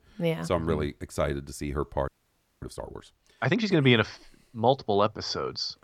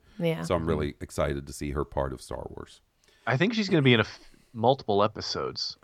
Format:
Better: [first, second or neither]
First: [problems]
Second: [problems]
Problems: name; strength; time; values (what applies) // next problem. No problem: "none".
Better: second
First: audio freezing; at 2 s for 0.5 s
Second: none